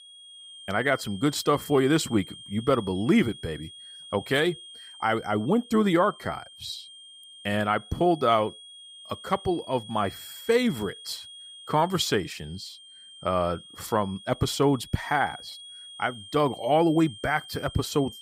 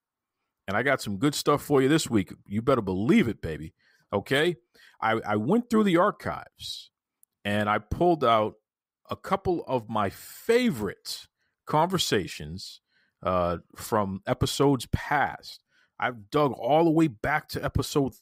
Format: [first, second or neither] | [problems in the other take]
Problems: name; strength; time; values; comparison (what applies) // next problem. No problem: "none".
second | high-pitched whine; noticeable; throughout; 3 kHz, 15 dB below the speech